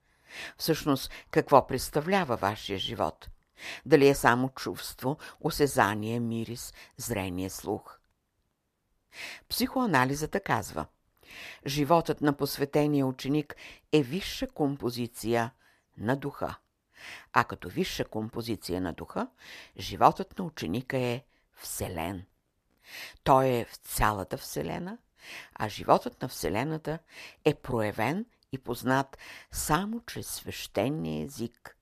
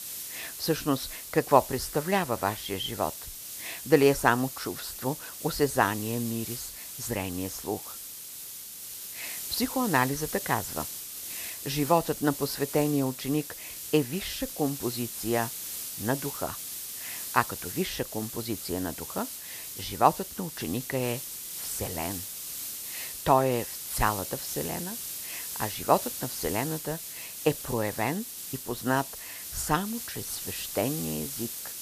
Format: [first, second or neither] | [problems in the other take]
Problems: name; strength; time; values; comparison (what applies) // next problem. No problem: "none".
first | hiss; loud; throughout; 6 dB below the speech